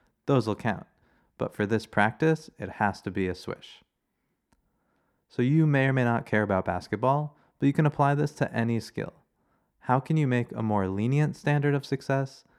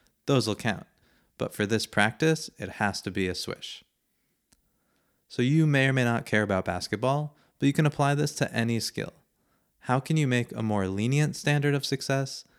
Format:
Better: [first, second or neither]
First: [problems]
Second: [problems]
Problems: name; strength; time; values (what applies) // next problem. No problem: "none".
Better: second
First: muffled; slightly; fading above 2.5 kHz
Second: none